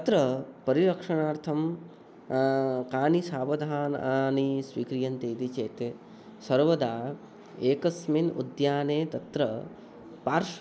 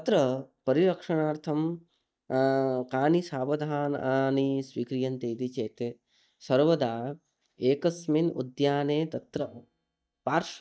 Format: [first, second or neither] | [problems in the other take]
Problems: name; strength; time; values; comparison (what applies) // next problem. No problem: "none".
first | noise reduction (neural mask model DeepFilterNet 3)